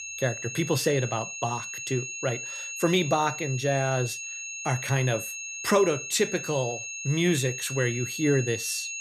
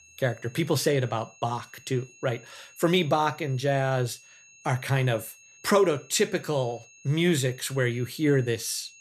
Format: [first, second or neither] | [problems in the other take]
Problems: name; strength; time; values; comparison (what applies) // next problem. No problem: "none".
second | high-pitched whine; loud; throughout; 2.5 kHz, 6 dB below the speech; faint in the second